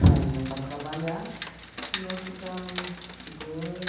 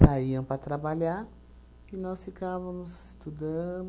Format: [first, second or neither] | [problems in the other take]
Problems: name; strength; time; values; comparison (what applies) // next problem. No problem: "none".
second | background sound (Rain); 12 dB below the speech // room echo; dies away in 1.1 s